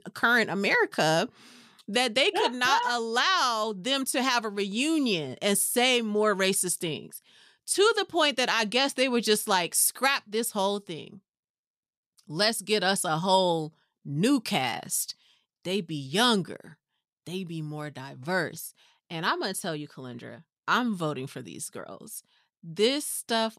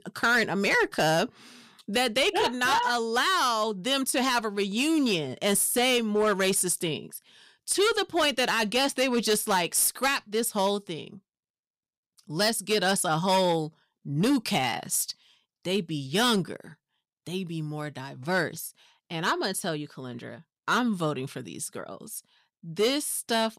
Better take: first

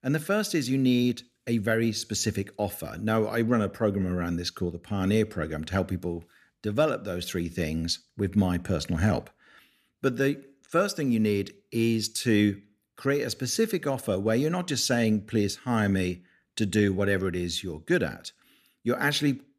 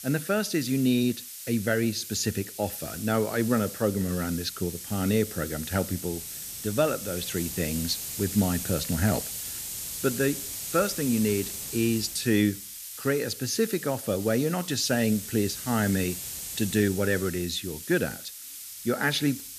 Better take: first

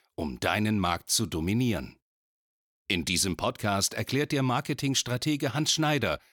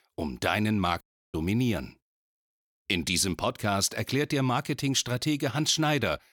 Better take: first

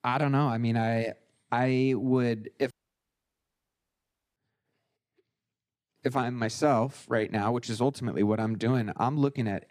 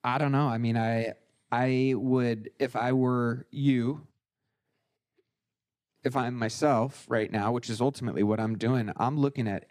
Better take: second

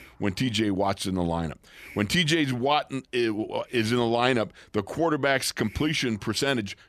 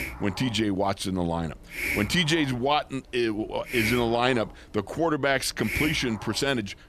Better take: first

